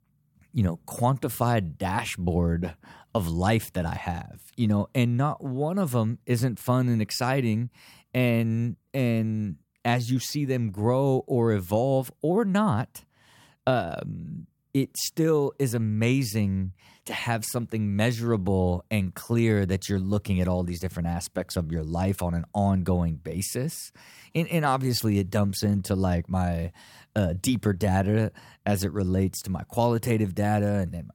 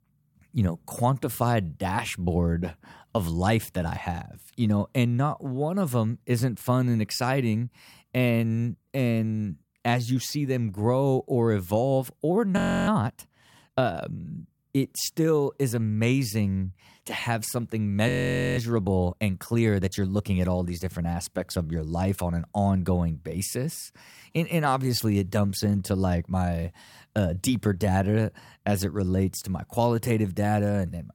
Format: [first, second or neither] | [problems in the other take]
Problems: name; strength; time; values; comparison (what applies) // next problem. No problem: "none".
first | audio freezing; at 13 s and at 18 s